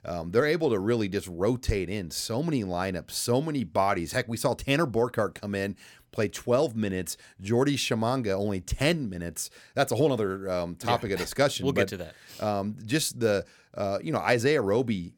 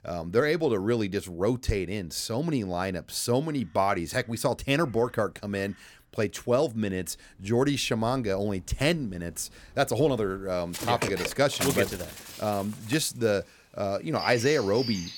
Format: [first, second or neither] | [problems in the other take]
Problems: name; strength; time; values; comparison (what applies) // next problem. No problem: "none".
first | animal sounds; loud; throughout; 8 dB below the speech